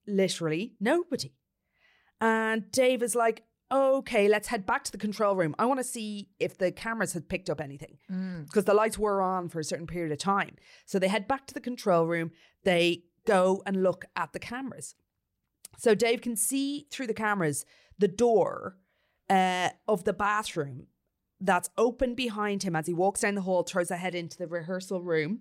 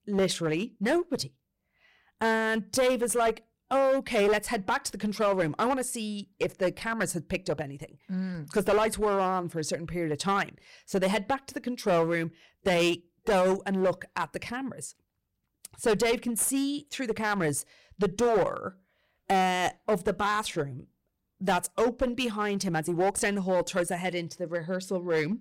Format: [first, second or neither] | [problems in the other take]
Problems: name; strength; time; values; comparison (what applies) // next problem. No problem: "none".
first | distortion; slight; 8% of the sound clipped